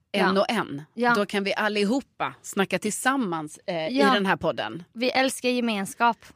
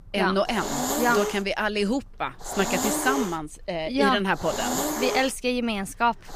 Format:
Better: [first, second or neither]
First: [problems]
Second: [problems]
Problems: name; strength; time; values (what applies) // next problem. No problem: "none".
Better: first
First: none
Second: hiss; loud; throughout; 3 dB below the speech